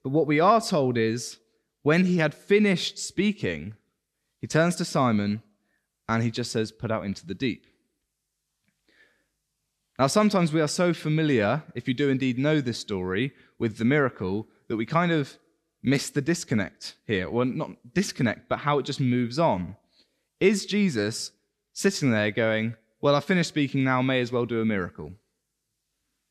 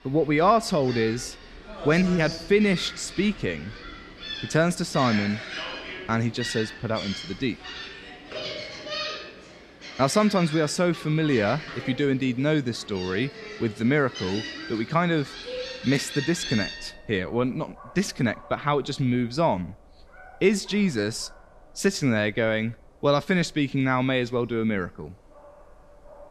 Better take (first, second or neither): first